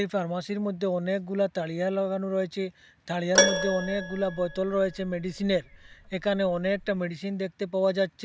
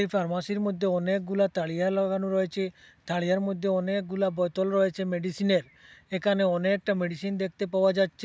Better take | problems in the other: second | background sound (Keyboard (musical)); 3 dB below the speech

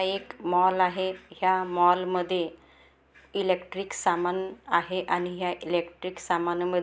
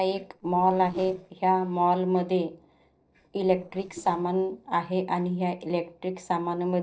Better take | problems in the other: first | noise reduction (neural separator model SepFormer DNS4)

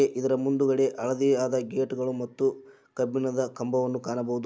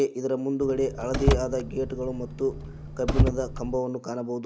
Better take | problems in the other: first | background sound (Car); as loud as the speech

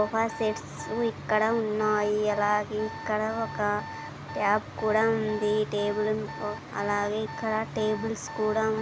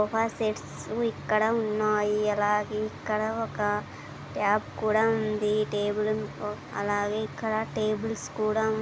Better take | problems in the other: second | background sound (Alarm); 14 dB below the speech

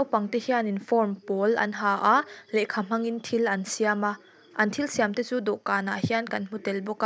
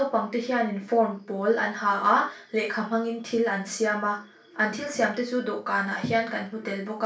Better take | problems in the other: first | room echo; dies away in 0.3 s

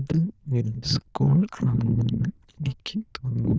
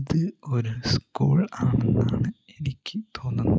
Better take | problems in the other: second | noise reduction (neural diffusion model UNIVERSE++)

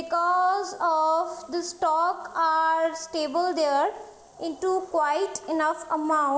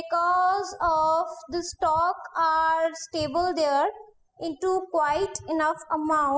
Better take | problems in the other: first | noise reduction (classical method spectral subtraction)

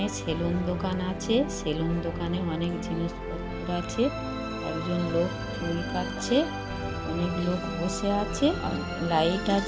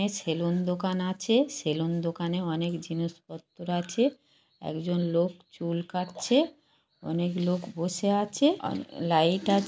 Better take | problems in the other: second | background sound (Musical instrument); 4 dB below the speech

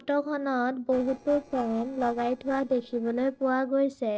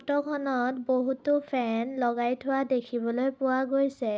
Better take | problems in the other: second | noise reduction (neural separator model SepFormer DNS4)

